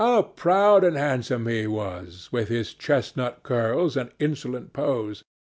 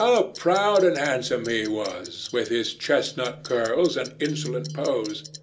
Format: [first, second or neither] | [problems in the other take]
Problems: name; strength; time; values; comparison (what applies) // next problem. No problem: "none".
first | background sound (Clock); 19 dB below the speech // room echo; dies away in 0.2 s